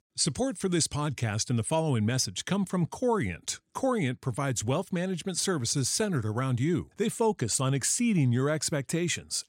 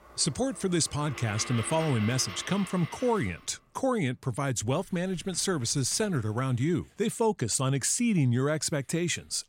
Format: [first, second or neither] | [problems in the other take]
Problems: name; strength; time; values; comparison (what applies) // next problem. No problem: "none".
first | household noises; noticeable; throughout; 15 dB below the speech